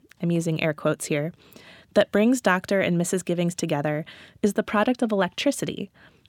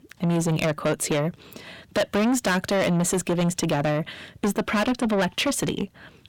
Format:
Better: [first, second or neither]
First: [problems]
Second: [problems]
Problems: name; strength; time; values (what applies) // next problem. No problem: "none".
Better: first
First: none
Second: distortion; heavy; 6 dB below the speech